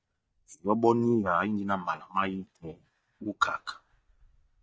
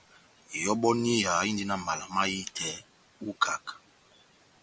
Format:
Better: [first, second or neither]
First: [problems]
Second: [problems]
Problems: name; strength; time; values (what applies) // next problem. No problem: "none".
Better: second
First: noise reduction (neural mask model DeepFilterNet 3)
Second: none